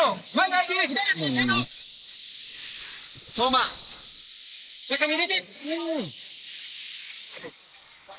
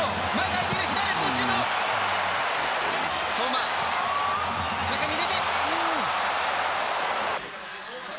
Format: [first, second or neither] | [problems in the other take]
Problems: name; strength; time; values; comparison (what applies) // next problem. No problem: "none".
second | noise reduction (neural mask model Resemble Enhance denoiser)